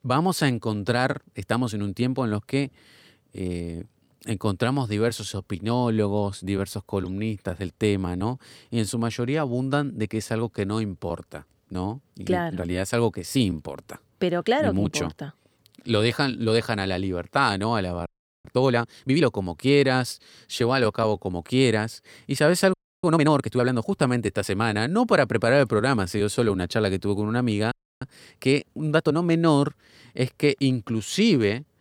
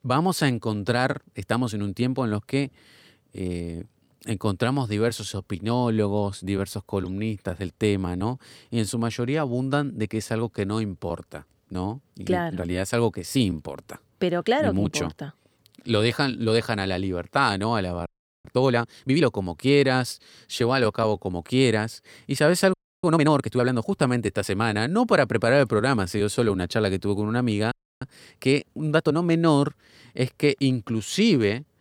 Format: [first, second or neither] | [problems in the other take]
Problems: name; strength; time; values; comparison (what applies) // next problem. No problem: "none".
neither | audio freezing; at 18 s, at 23 s and at 28 s; the same in both